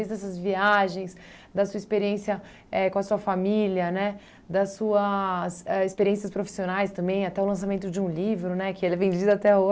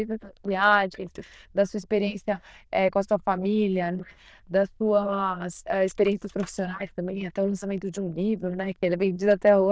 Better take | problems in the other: first | noise reduction (neural diffusion model UNIVERSE++)

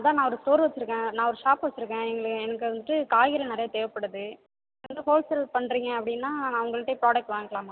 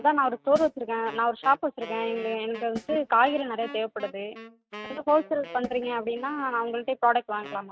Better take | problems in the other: first | noise reduction (neural mask model RNNoise)

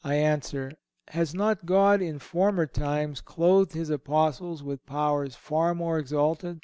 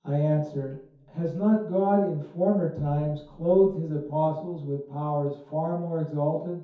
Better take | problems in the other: first | room echo; dies away in 0.6 s

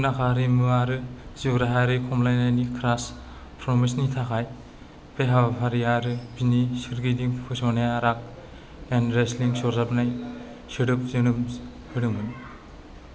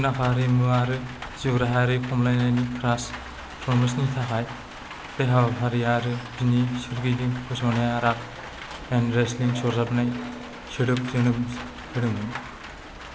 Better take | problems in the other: first | background sound (Rain); 15 dB below the speech

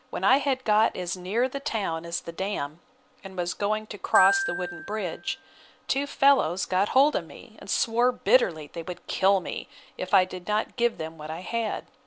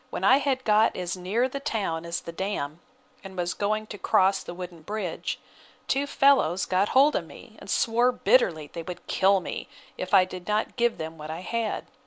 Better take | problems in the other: second | background sound (Glockenspiel); 7 dB below the speech

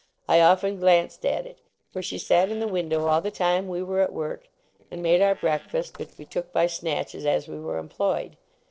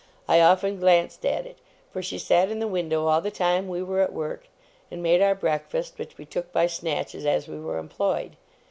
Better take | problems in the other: second | noise reduction (neural separator model SepFormer DNS4)

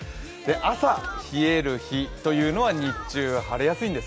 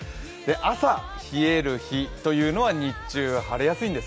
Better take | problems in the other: second | background sound (Engine); 14 dB below the speech

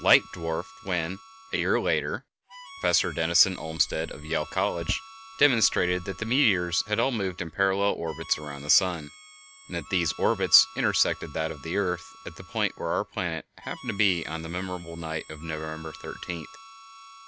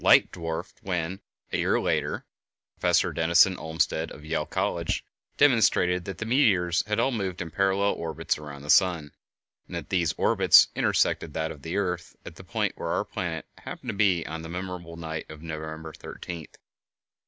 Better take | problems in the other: second | background sound (Harmonica + Bird); 18 dB below the speech

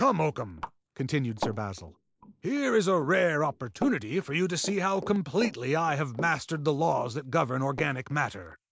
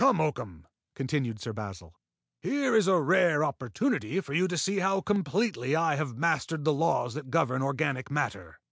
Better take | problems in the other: second | noise reduction (neural mask model Resemble Enhance denoiser)

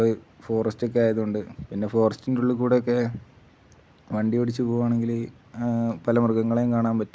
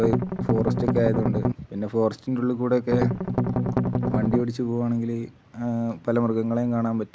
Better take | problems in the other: first | background sound (Strum); 2 dB above the speech

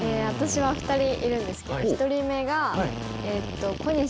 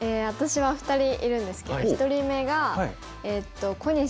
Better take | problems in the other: second | background sound (Drill); 8 dB below the speech

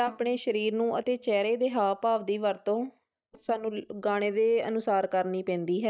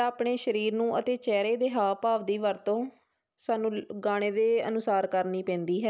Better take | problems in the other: second | noise reduction (neural mask model DeepFilterNet 3)

